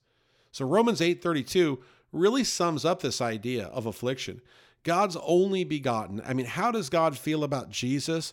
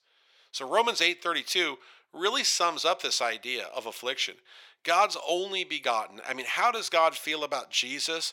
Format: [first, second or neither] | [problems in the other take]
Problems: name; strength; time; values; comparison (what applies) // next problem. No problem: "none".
first | thin; very; fading below 750 Hz